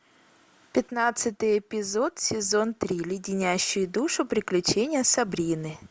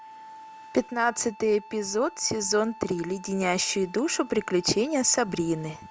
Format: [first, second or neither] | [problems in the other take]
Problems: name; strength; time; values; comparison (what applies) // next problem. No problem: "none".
first | background sound (Wind instrument, woodwind instrument); 20 dB below the speech